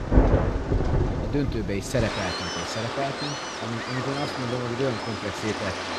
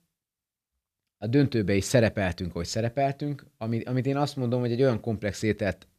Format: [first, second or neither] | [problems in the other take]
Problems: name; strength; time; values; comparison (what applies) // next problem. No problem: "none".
second | rain or running water; very loud; throughout; 2 dB above the speech